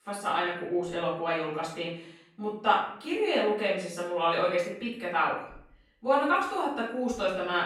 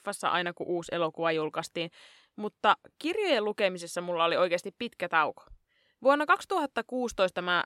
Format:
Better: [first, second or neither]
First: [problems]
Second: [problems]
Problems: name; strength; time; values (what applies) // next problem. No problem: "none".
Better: second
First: off-mic speech; far // room echo; noticeable; dies away in 0.6 s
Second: none